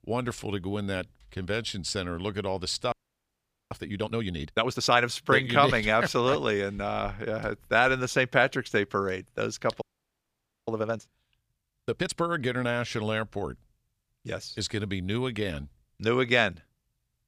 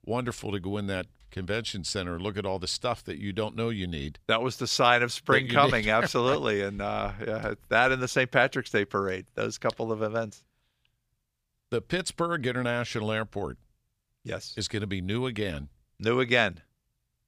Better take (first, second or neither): second